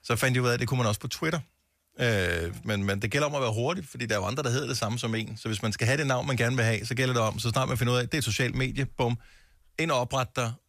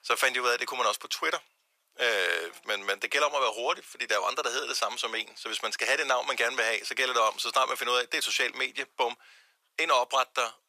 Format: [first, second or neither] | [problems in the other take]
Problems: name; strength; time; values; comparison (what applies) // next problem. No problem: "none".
first | thin; very; fading below 400 Hz